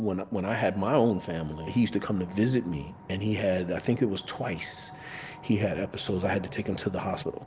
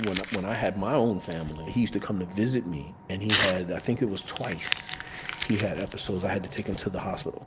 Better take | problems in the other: first | background sound (Crumpling, crinkling / Tearing); 8 dB below the speech

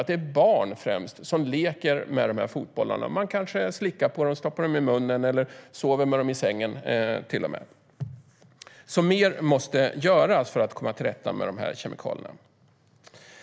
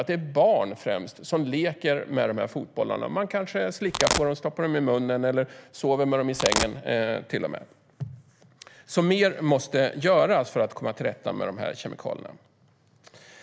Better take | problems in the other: first | background sound (Domestic sounds, home sounds); as loud as the speech

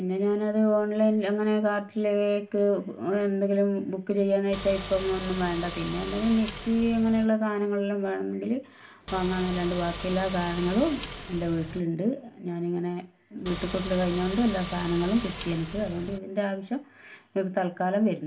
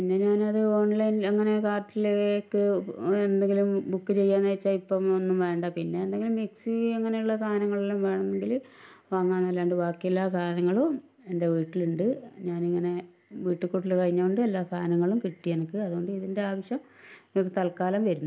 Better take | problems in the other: second | background sound (Car); 11 dB below the speech // room echo; dies away in 0.2 s

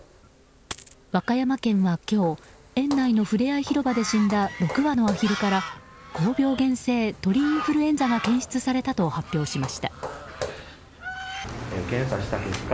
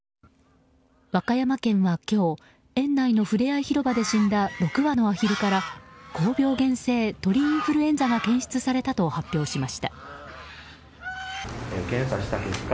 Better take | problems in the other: second | background sound (Coin (dropping) + Walk, footsteps); 17 dB below the speech

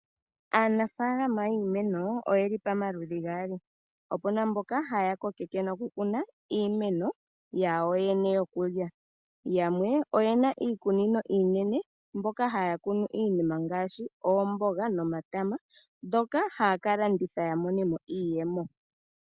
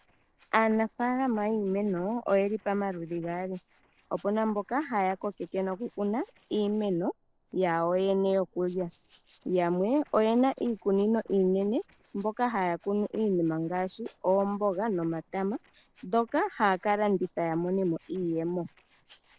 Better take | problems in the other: first | noise reduction (neural separator model SepFormer DNS4)

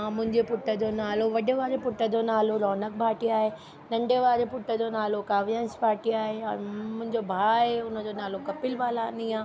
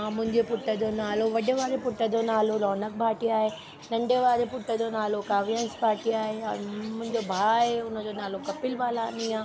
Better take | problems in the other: first | background sound (Fill (with liquid) + Chirp, tweet); 19 dB below the speech

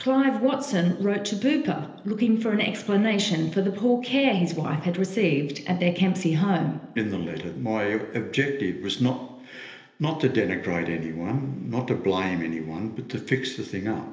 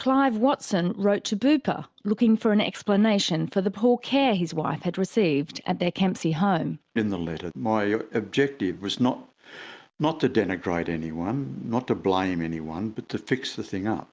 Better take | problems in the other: second | room echo; dies away in 1.4 s

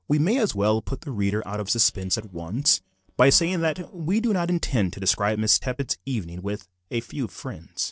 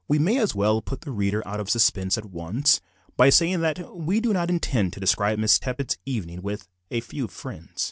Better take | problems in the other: second | noise reduction (neural separator model SepFormer DNS4)

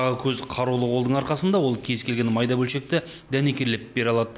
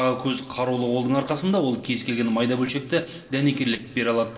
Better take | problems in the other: first | noise reduction (neural separator model SepFormer DNS4)

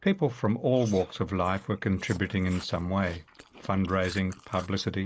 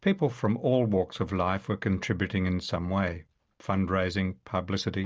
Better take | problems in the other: second | noise reduction (neural mask model Resemble Enhance denoiser)

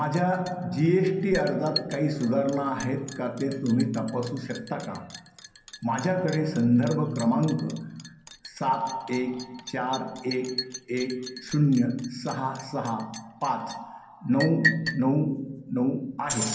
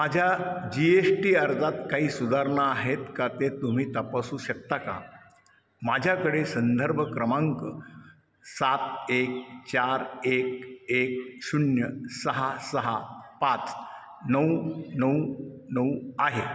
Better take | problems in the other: second | background sound (Liquid); 12 dB below the speech // room echo; dies away in 0.6 s

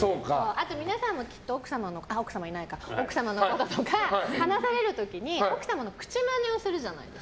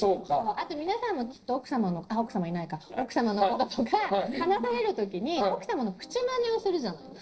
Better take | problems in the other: first | noise reduction (neural separator model SepFormer DNS4)

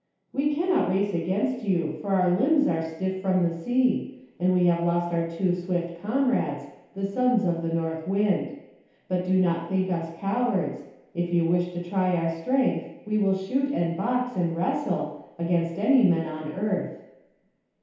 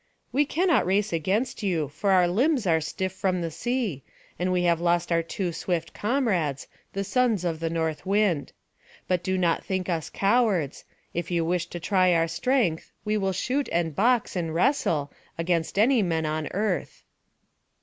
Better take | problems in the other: second | room echo; dies away in 0.8 s

